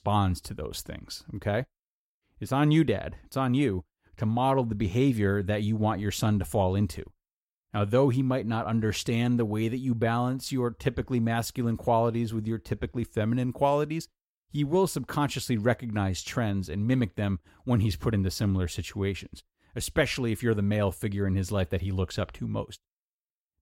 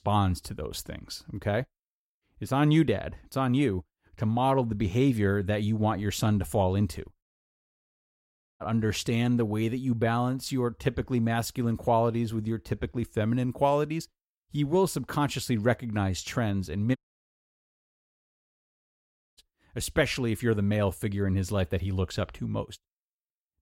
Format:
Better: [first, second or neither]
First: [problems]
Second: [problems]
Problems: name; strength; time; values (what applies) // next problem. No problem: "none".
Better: first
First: none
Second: audio cutting out; at 7 s for 1.5 s and at 17 s for 2.5 s